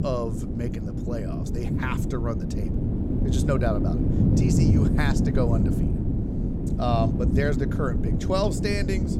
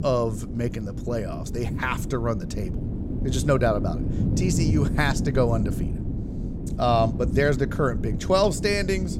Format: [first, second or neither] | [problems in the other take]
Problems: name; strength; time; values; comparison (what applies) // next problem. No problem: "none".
second | wind noise on the microphone; heavy; 3 dB below the speech; occasional gusts in the second